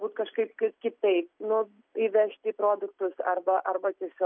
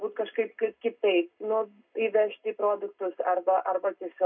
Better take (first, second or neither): first